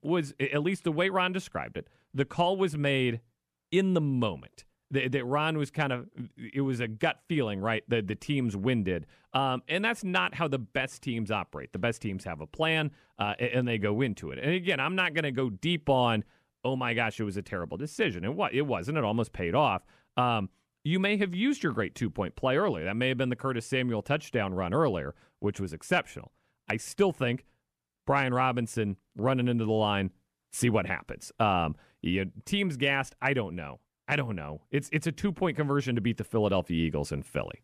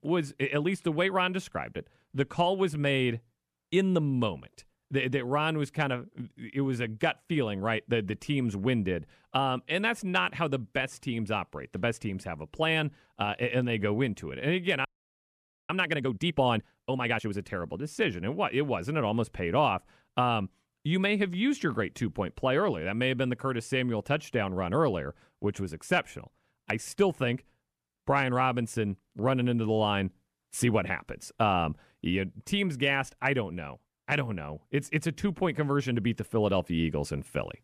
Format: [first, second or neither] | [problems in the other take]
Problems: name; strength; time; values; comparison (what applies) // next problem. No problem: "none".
first | audio freezing; at 15 s for 1 s